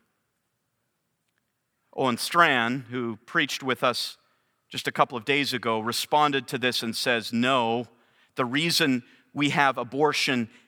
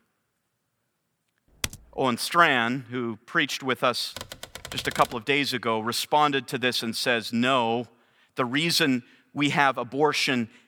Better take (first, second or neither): first